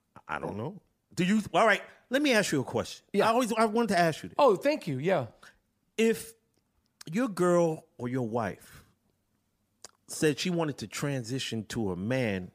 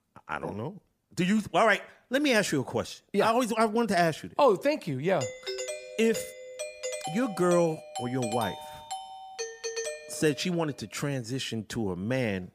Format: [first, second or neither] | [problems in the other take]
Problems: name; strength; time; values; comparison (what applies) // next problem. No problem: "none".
first | doorbell; noticeable; from 5 to 10 s; peak 6 dB below the speech